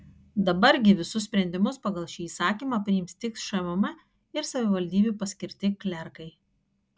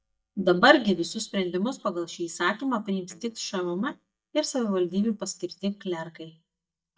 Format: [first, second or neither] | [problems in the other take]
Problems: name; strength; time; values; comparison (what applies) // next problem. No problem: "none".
first | noise reduction (neural mask model DeepFilterNet 3)